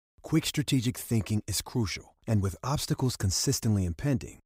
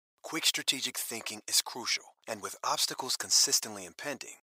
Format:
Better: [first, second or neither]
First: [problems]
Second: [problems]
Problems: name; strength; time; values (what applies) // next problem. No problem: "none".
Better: first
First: none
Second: thin; very; fading below 800 Hz